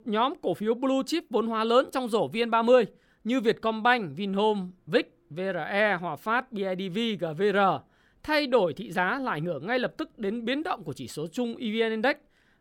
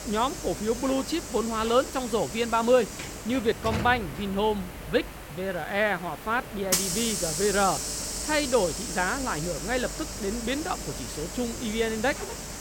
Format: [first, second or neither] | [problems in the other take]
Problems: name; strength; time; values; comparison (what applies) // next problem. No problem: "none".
first | hiss; loud; throughout; 5 dB below the speech